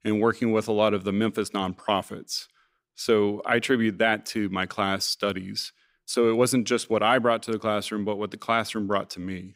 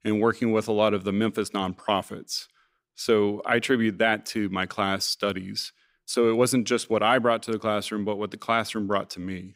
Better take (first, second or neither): neither